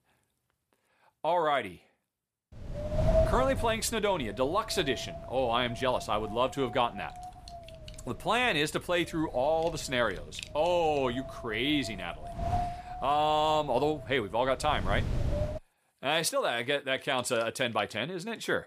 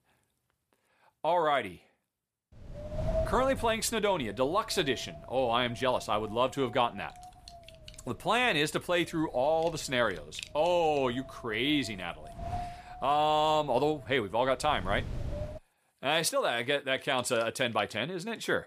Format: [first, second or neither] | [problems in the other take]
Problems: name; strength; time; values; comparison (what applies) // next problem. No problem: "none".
second | wind noise on the microphone; heavy; from 2.5 to 16 s; 9 dB below the speech; occasional gusts in the second